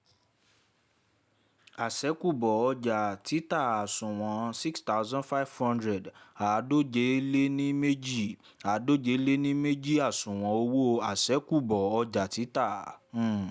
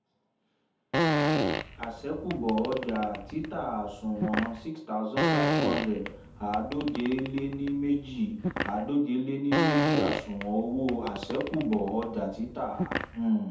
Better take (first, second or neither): first